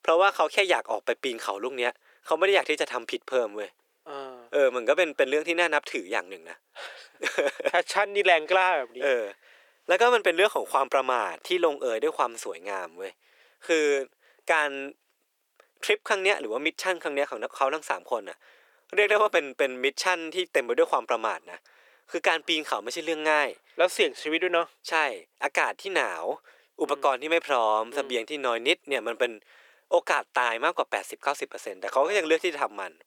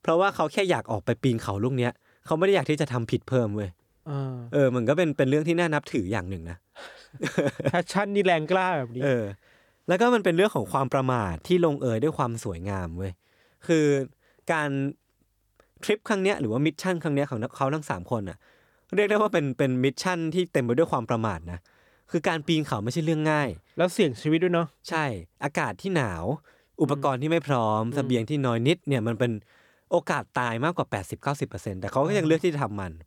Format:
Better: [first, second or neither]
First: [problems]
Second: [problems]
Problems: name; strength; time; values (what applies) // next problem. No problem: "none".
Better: second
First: thin; very; fading below 400 Hz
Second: none